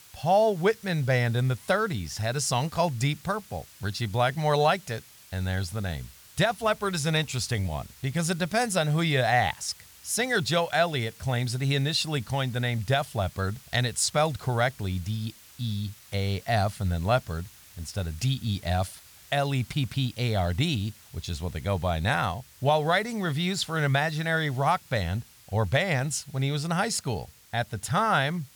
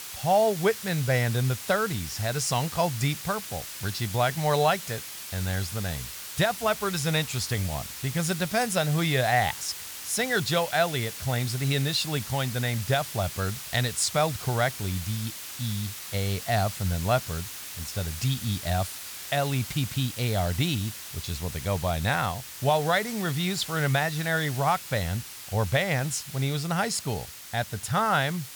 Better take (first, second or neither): first